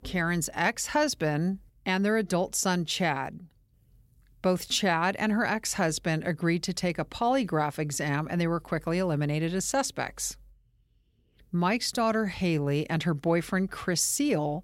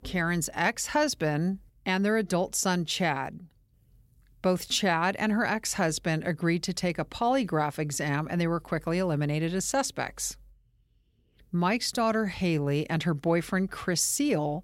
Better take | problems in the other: neither | none

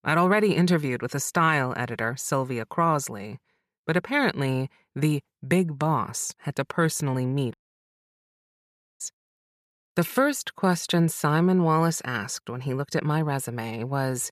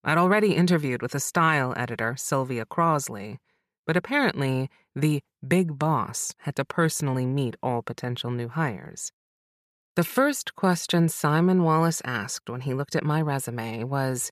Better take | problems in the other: second | audio cutting out; at 7.5 s for 1.5 s

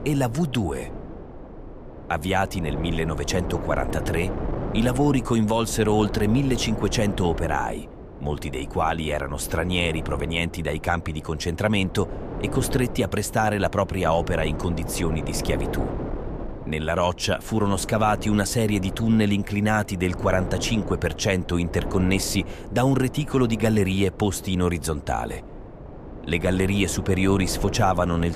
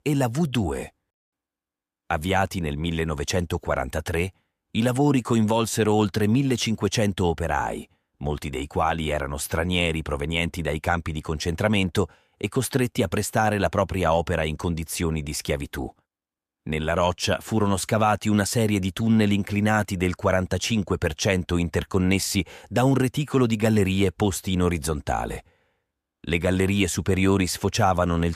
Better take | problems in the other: second | wind noise on the microphone; occasional gusts; 10 dB below the speech

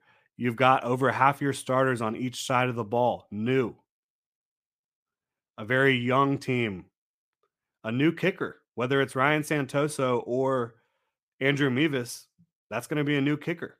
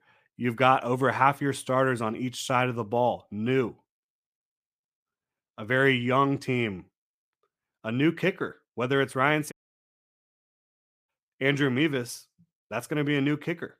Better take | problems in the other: first | audio cutting out; at 9.5 s for 1.5 s

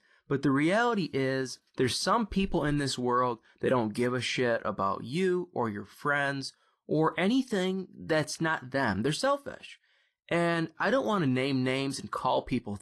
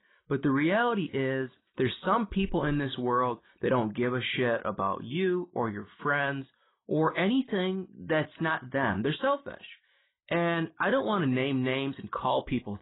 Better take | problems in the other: first | garbled, watery; badly; nothing above 4 kHz; slightly in the first

